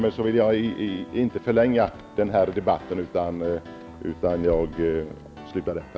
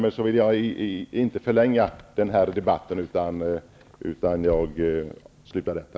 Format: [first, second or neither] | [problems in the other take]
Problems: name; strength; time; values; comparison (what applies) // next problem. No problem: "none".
second | background sound (Piano); 18 dB below the speech